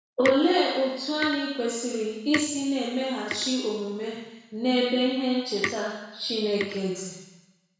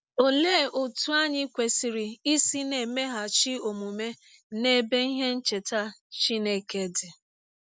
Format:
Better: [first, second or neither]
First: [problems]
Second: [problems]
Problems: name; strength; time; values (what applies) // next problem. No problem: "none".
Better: second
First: background sound (Tick); 12 dB below the speech // room echo; dies away in 1.1 s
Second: none